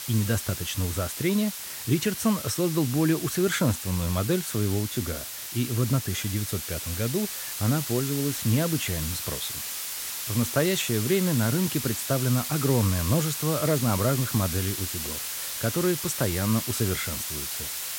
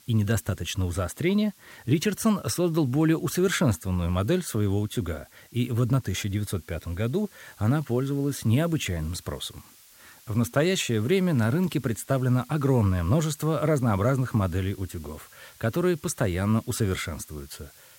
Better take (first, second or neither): second